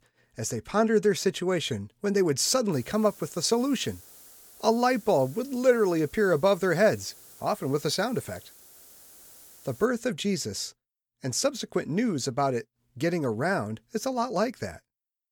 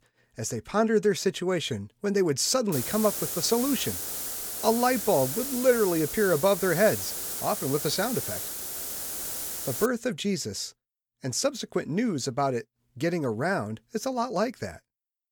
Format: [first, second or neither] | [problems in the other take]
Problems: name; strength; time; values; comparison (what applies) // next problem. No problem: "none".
first | hiss; loud; from 2.5 to 10 s; 4 dB below the speech; faint in the first